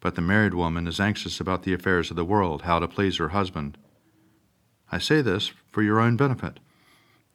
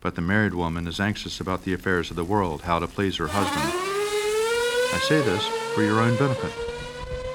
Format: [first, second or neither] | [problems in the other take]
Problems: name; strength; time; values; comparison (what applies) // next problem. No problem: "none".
first | traffic noise; loud; throughout; 1 dB below the speech